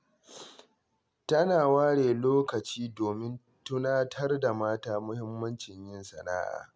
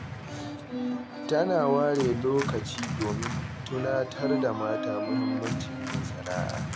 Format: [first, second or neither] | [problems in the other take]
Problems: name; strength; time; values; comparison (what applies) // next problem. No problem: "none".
first | background sound (Organ); 2 dB below the speech